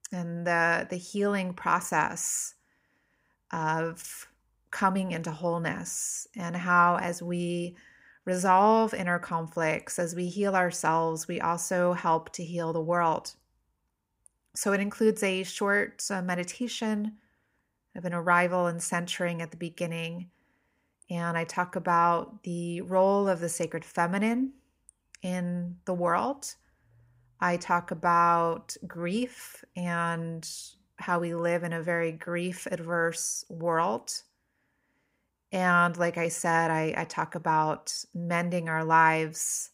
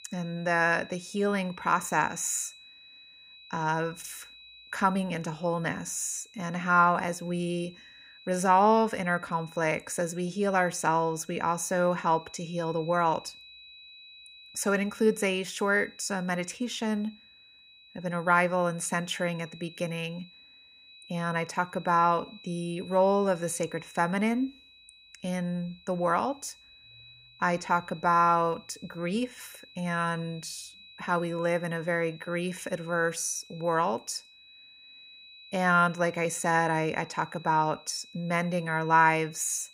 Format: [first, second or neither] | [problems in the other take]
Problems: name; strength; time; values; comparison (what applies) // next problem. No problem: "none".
first | high-pitched whine; faint; throughout; 4 kHz, 20 dB below the speech